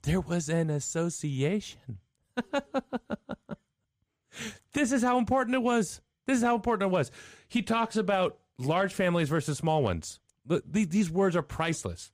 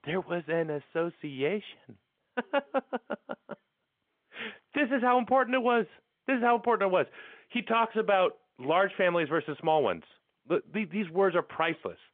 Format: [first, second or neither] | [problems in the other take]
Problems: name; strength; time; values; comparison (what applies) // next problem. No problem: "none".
first | phone-call audio; nothing above 3.5 kHz